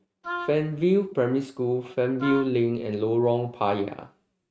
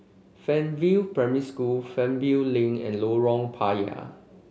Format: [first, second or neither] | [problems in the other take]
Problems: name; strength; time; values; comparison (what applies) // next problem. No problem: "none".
second | noise reduction (neural mask model RNNoise)